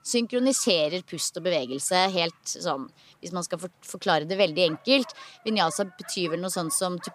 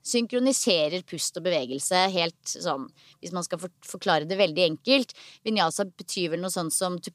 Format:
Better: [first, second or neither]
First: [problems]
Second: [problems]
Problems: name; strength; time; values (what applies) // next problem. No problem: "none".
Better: second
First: animal sounds; faint; throughout; 20 dB below the speech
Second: none